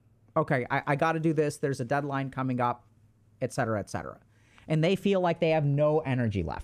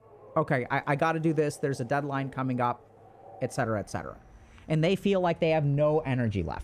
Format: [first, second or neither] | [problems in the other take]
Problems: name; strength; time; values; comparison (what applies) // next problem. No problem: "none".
first | animal sounds; faint; throughout; 25 dB below the speech